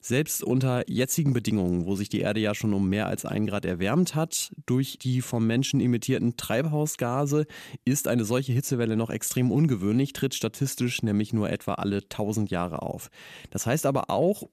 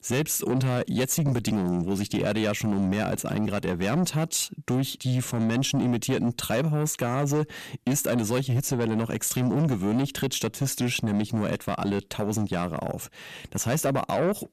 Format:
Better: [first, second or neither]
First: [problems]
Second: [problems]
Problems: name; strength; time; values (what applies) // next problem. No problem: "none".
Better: first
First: none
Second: distortion; slight; 9 dB below the speech